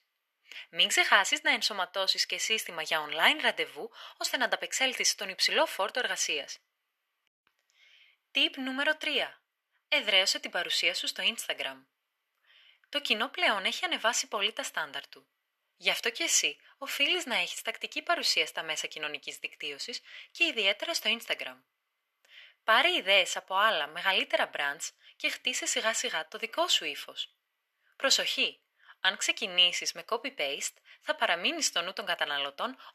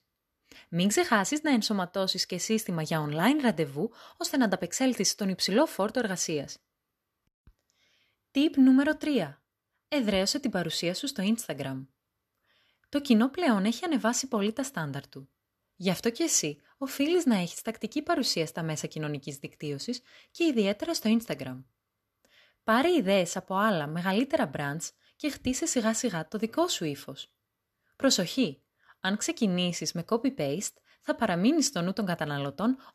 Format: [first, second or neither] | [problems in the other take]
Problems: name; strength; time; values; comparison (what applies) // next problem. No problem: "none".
second | thin; very; fading below 700 Hz